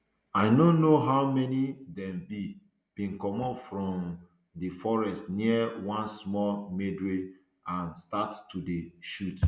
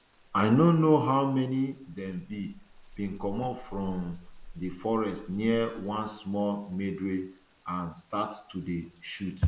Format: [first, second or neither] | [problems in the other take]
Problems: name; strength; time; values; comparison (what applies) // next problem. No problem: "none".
first | background sound (Rain + Chime); 19 dB below the speech